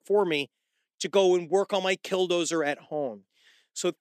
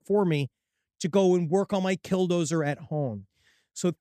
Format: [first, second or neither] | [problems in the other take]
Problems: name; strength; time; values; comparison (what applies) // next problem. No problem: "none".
second | thin; somewhat; fading below 300 Hz